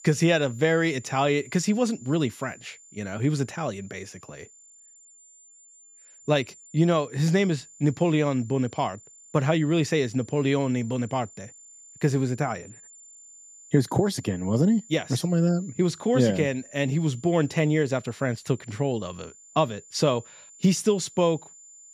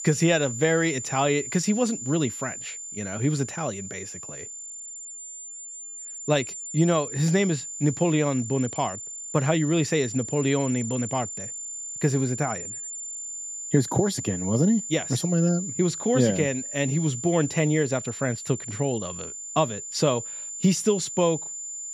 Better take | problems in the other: first | high-pitched whine; loud; throughout; 7 kHz, 8 dB below the speech; faint in the first

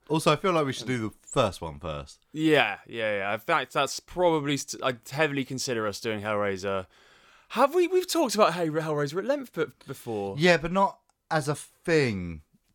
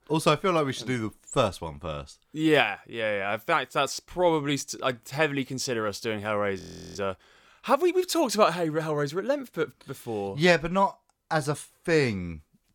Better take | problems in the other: first | audio freezing; at 6.5 s

